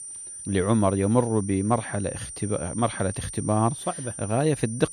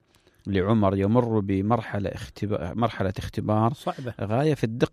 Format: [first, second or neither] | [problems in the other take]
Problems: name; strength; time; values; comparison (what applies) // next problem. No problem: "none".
second | high-pitched whine; loud; throughout; 9 kHz, 10 dB below the speech